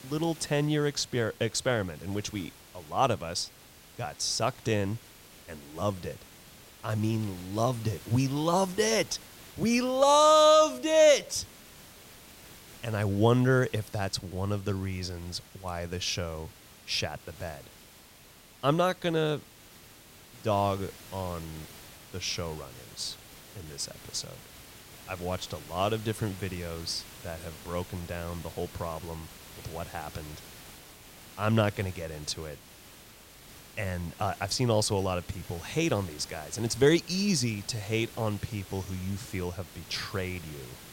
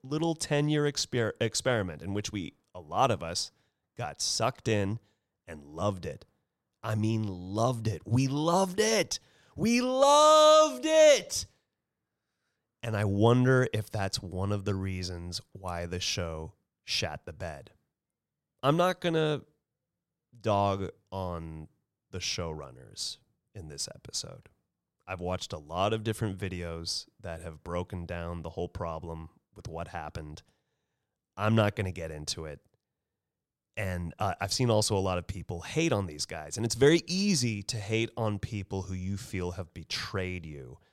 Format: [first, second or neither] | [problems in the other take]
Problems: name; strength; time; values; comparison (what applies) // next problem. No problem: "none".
second | hiss; noticeable; throughout; 20 dB below the speech